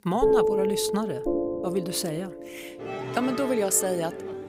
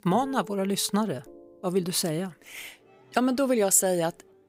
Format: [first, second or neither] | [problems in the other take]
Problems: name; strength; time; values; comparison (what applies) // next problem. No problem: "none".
second | background music; loud; throughout; 1 dB below the speech; faint in the second